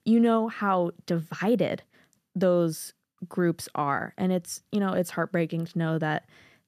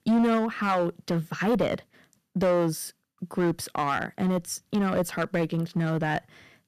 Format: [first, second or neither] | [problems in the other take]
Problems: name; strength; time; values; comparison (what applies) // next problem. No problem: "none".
first | distortion; slight; 8% of the sound clipped